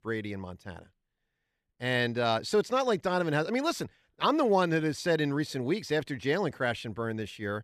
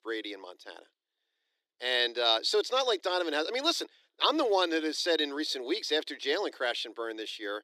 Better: first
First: none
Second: thin; somewhat; fading below 300 Hz

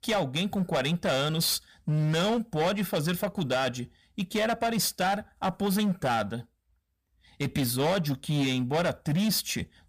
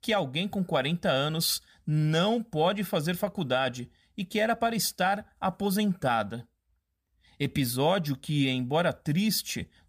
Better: second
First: distortion; slight; 14% of the sound clipped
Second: none

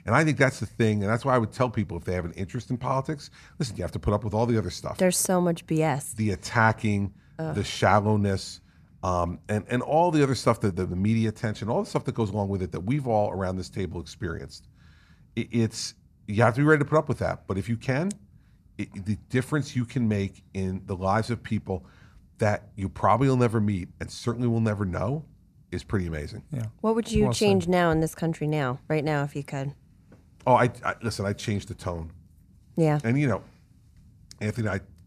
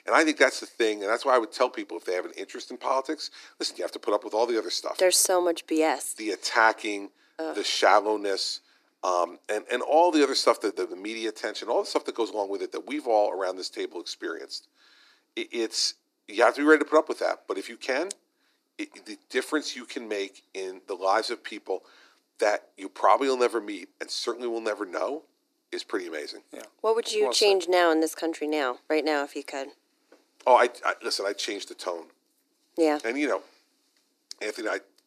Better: first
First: none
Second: thin; very; fading below 300 Hz

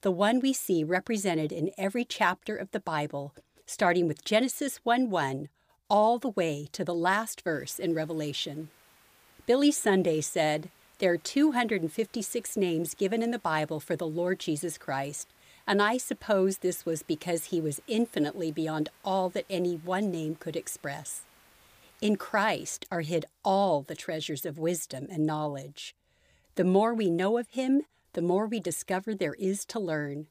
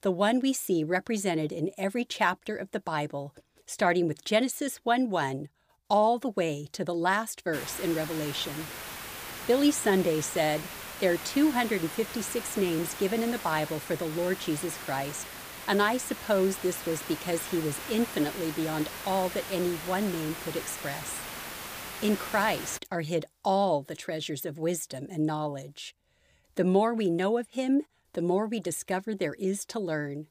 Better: first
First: hiss; faint; from 7.5 to 23 s; 30 dB below the speech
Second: hiss; loud; from 7.5 to 23 s; 9 dB below the speech

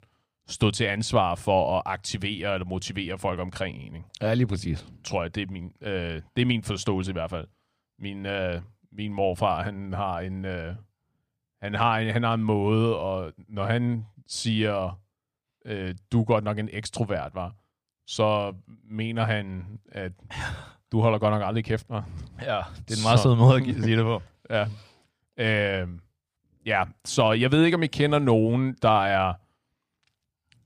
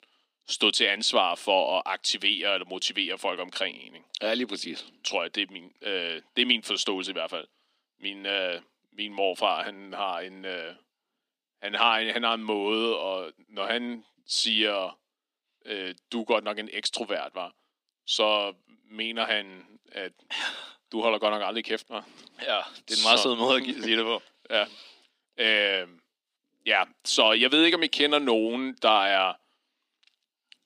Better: first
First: none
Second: thin; somewhat; fading below 250 Hz

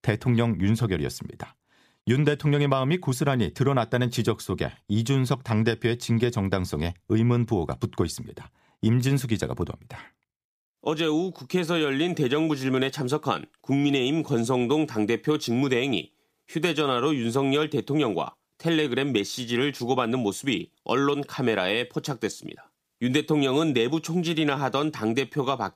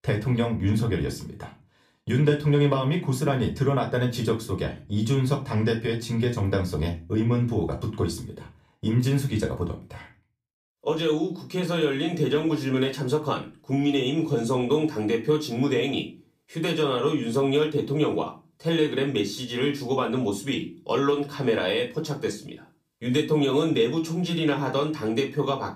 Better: first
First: none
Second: off-mic speech; somewhat distant // room echo; very slight; dies away in 0.3 s

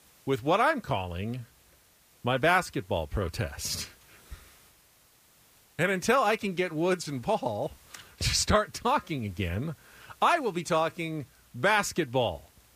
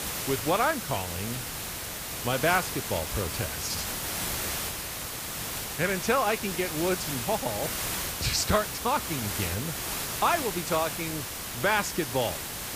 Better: first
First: hiss; faint; throughout; 30 dB below the speech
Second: hiss; loud; throughout; 3 dB below the speech

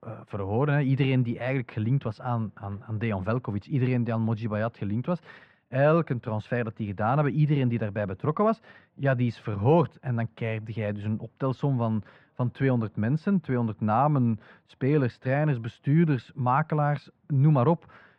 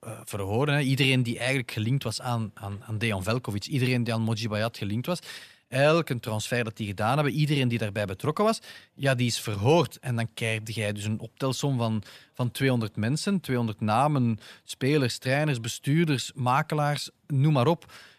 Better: second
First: muffled; very; fading above 1.5 kHz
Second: none

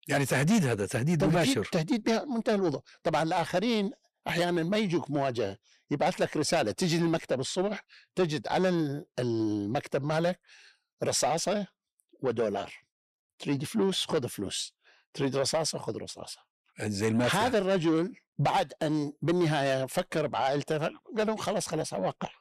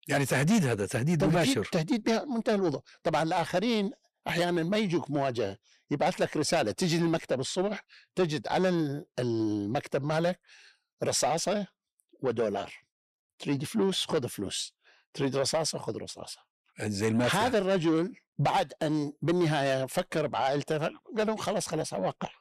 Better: neither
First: distortion; slight; 10 dB below the speech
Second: distortion; slight; 10 dB below the speech

